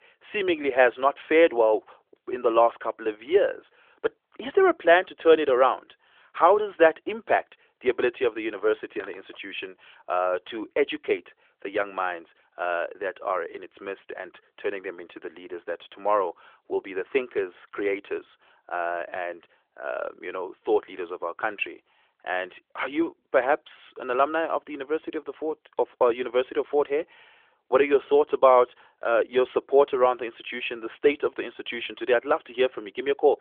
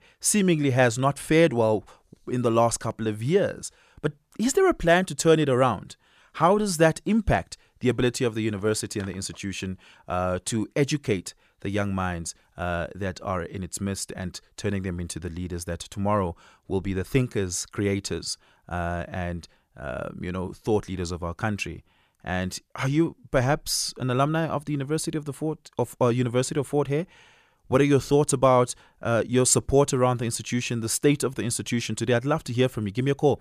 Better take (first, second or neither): second